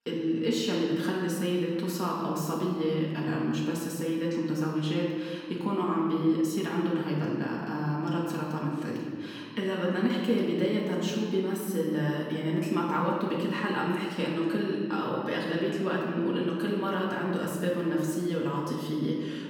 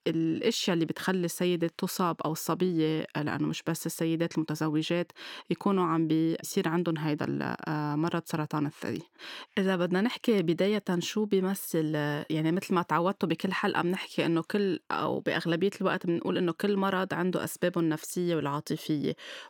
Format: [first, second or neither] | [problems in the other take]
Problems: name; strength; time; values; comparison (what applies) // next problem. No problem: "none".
second | room echo; noticeable; dies away in 1.7 s // off-mic speech; far